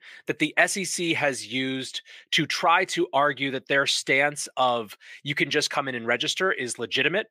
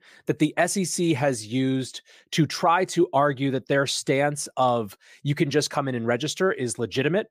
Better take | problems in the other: second | thin; very slightly; fading below 350 Hz

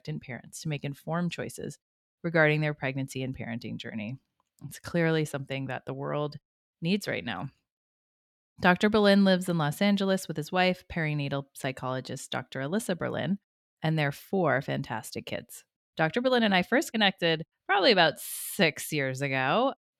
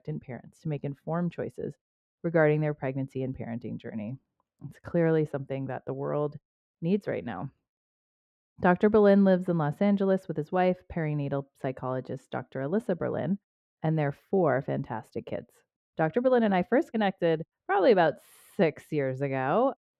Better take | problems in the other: first | muffled; very; fading above 2.5 kHz

